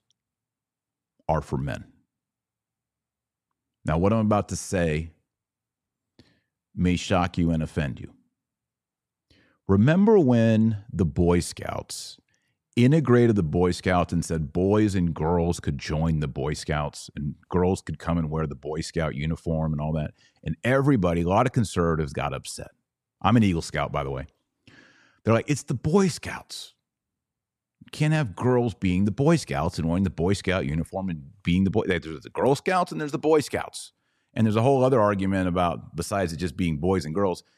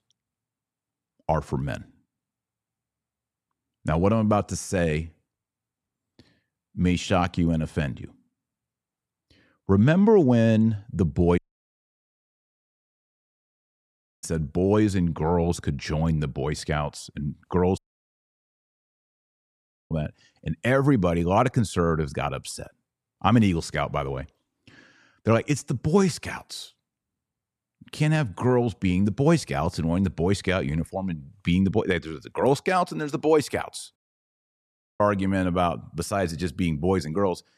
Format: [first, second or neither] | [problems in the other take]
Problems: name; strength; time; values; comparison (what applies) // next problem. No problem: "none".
first | audio cutting out; at 11 s for 3 s, at 18 s for 2 s and at 34 s for 1 s